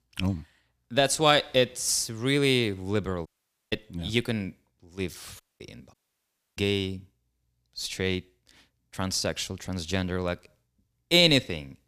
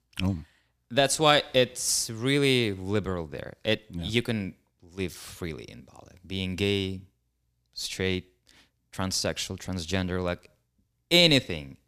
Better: second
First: audio cutting out; at 3.5 s, at 5.5 s and at 6 s for 0.5 s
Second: none

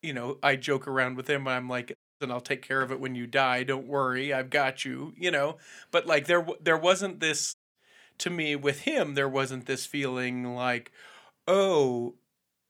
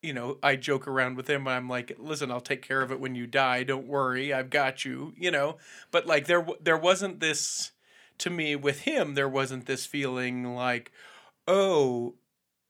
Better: second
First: audio cutting out; at 2 s and at 7.5 s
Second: none

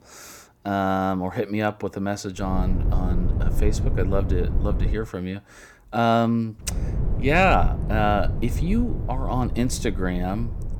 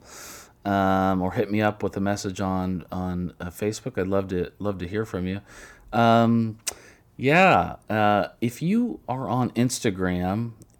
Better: second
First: low rumble; noticeable; from 2.5 to 5 s and from 6.5 s on; 15 dB below the speech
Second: none

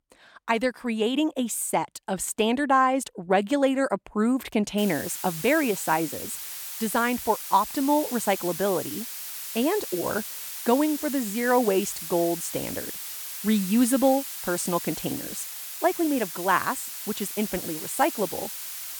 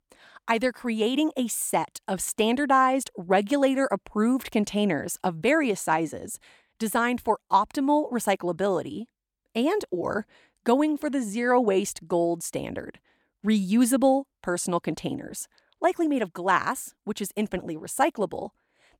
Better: second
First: hiss; loud; from 5 s on; 7 dB below the speech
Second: none

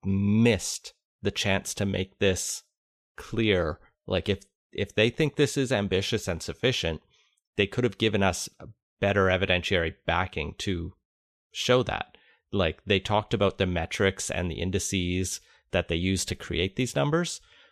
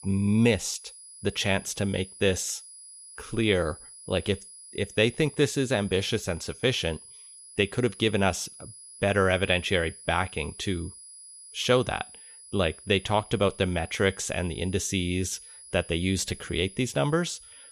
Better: first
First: none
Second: high-pitched whine; noticeable; throughout; 10.5 kHz, 15 dB below the speech

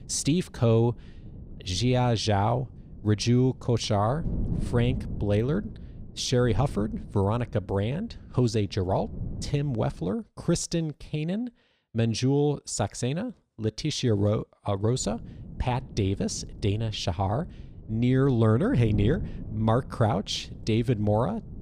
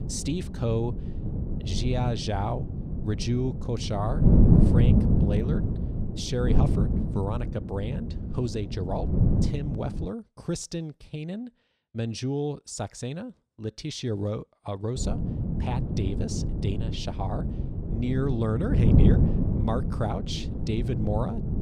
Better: first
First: wind noise on the microphone; occasional gusts; until 10 s and from 15 s on; 20 dB below the speech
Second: wind noise on the microphone; heavy; until 10 s and from 15 s on; 2 dB below the speech

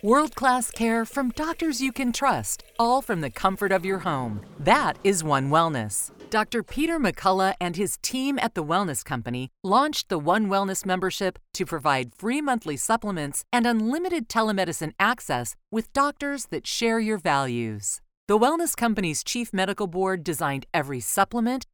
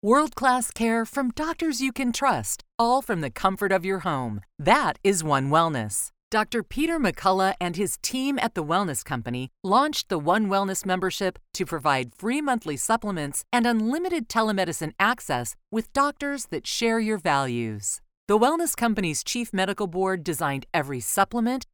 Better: second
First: household noises; faint; until 6.5 s; 25 dB below the speech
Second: none

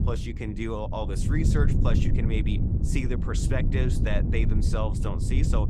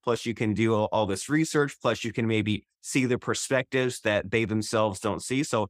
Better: second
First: wind noise on the microphone; heavy; 4 dB below the speech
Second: none

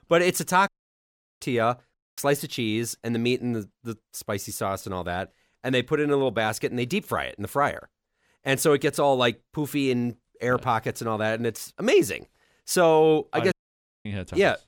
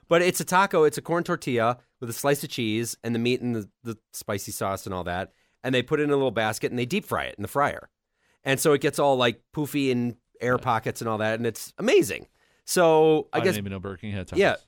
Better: second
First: audio cutting out; at 0.5 s for 0.5 s, at 2 s and at 14 s for 0.5 s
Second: none

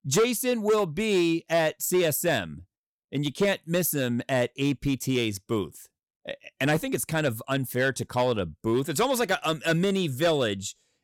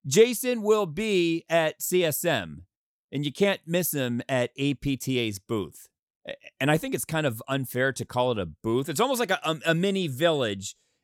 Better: second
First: distortion; slight; 4% of the sound clipped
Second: none

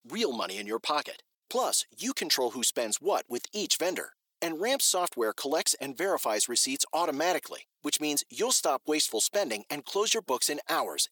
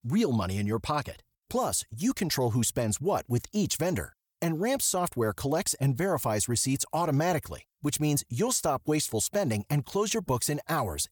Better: second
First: thin; somewhat; fading below 300 Hz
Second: none

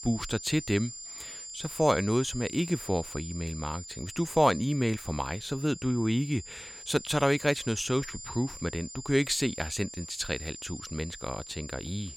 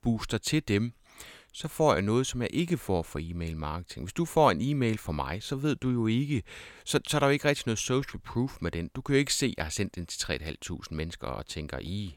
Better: second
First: high-pitched whine; noticeable; throughout; 7 kHz, 10 dB below the speech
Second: none

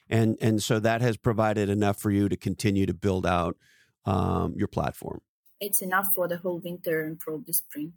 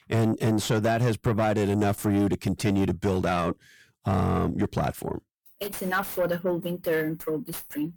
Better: first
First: none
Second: distortion; heavy; 7 dB below the speech

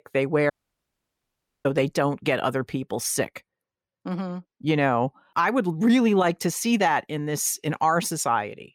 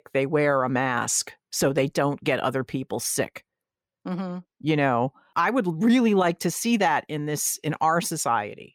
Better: second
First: audio cutting out; at 0.5 s for 1 s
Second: none

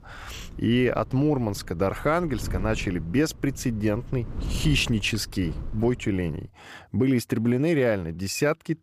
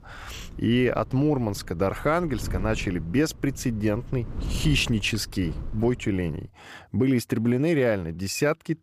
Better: neither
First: wind noise on the microphone; occasional gusts; until 6.5 s; 20 dB below the speech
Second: wind noise on the microphone; occasional gusts; until 6.5 s; 20 dB below the speech

